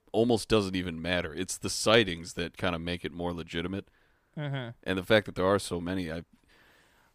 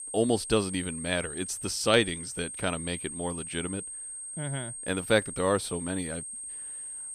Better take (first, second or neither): first